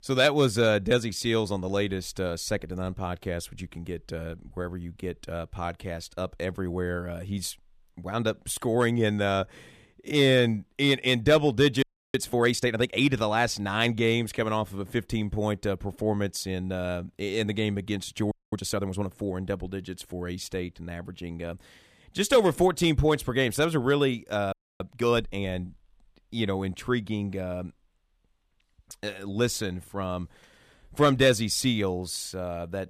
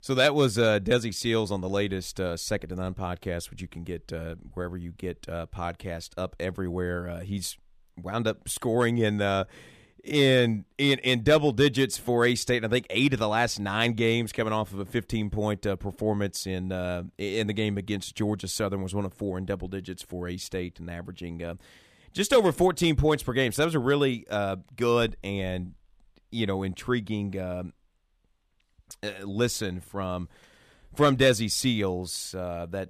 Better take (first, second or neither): second